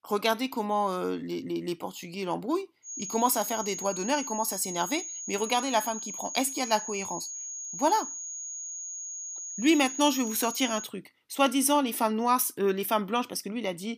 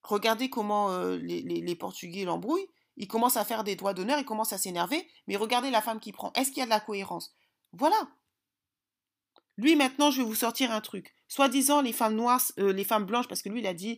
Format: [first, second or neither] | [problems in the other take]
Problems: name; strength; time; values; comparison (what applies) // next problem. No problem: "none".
second | high-pitched whine; loud; from 3 to 11 s; 6.5 kHz, 7 dB below the speech